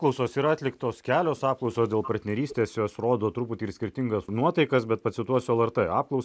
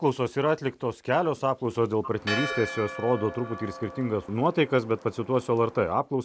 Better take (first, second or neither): first